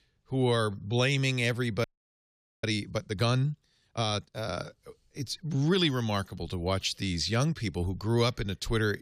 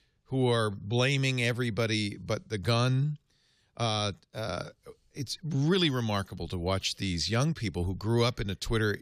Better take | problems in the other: second | audio freezing; at 2 s for 1 s

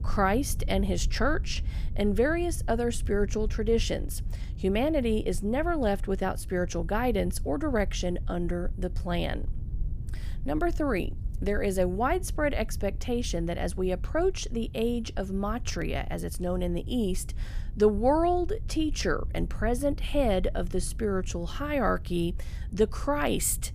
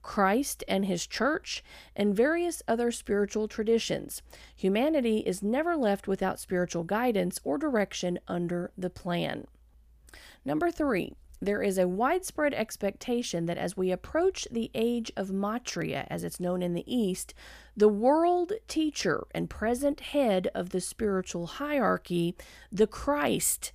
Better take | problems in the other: second | low rumble; faint; throughout; 25 dB below the speech

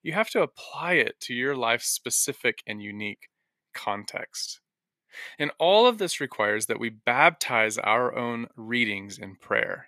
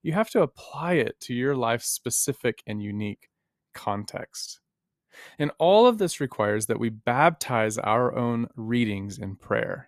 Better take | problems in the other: second | thin; very slightly; fading below 400 Hz

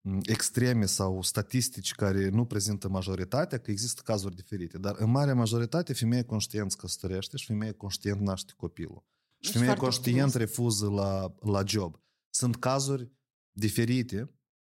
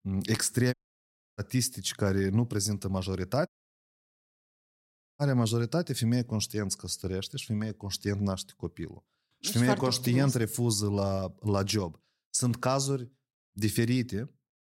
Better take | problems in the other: first | audio cutting out; at 0.5 s for 0.5 s and at 3.5 s for 1.5 s

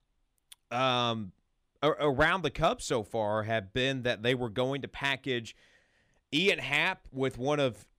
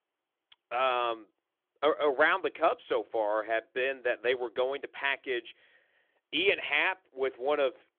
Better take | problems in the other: first | phone-call audio; nothing above 3.5 kHz

